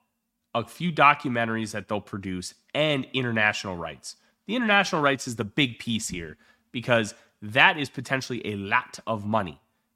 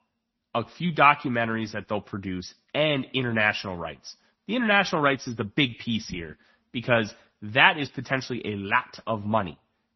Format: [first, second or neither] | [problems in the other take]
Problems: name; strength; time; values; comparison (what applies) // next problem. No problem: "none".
first | garbled, watery; slightly; nothing above 6 kHz